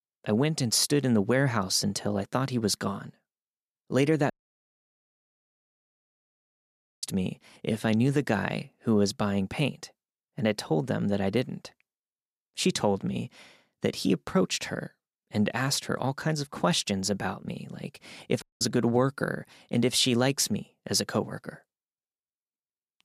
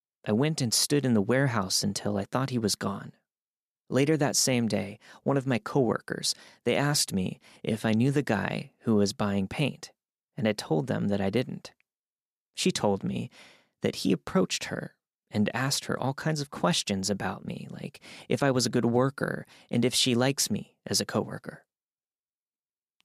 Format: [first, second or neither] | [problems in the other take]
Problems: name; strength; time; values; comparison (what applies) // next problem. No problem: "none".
second | audio cutting out; at 4.5 s for 2.5 s and at 18 s